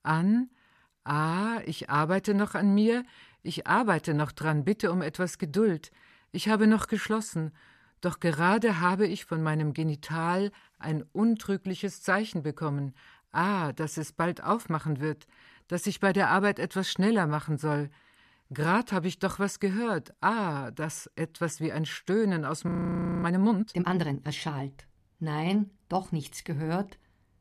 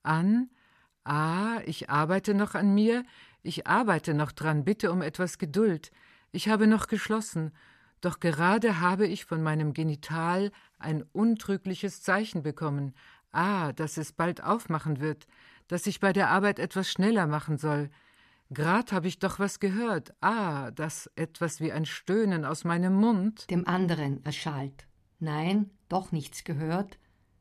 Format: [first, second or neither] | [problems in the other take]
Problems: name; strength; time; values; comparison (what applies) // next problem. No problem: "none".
second | audio freezing; at 23 s for 0.5 s